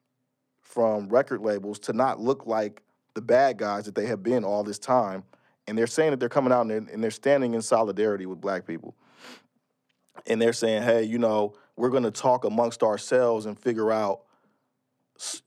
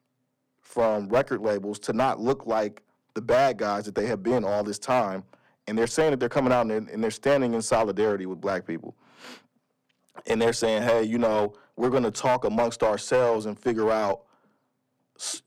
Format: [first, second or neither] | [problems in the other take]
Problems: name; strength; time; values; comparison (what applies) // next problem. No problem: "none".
first | distortion; slight; 7% of the sound clipped